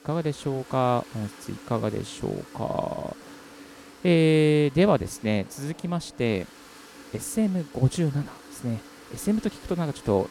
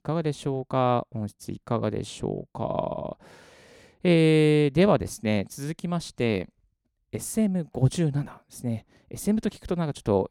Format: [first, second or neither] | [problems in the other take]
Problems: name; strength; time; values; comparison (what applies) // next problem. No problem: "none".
second | household noises; noticeable; throughout; 20 dB below the speech